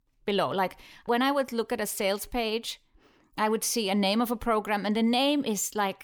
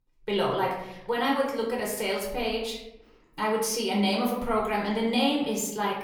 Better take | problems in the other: first | room echo; slight; dies away in 0.8 s // off-mic speech; far

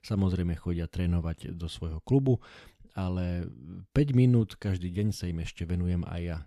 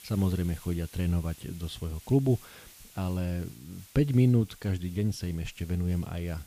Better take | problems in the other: first | hiss; faint; throughout; 20 dB below the speech

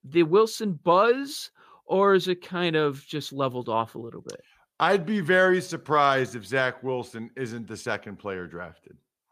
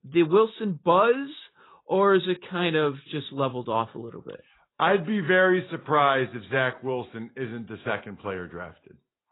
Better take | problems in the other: first | garbled, watery; badly; nothing above 4 kHz

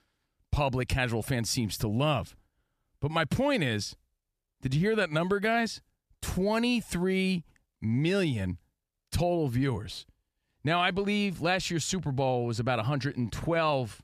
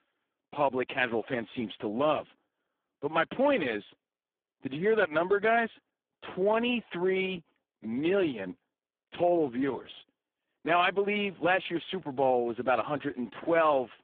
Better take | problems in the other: first | phone-call audio; poor line

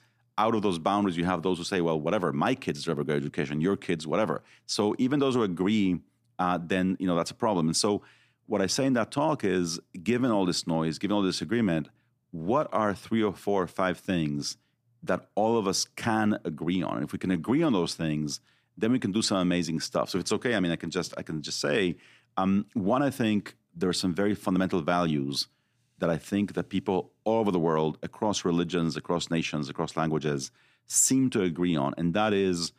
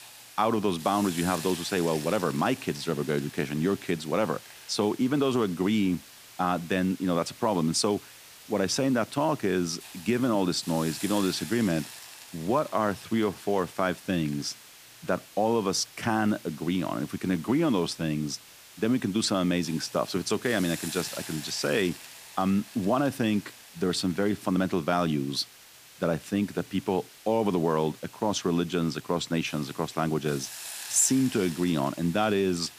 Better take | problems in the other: first | hiss; noticeable; throughout; 15 dB below the speech

